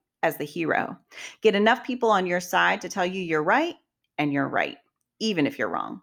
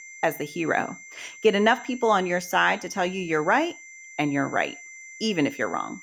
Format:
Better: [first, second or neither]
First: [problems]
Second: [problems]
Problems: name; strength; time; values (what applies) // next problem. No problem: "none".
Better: first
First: none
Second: high-pitched whine; noticeable; throughout; 2 kHz, 15 dB below the speech